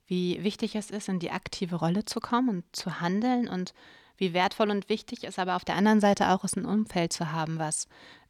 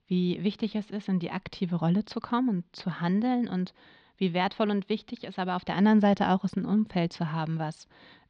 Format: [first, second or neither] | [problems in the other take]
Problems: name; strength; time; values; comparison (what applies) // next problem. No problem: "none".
first | muffled; very slightly; fading above 4 kHz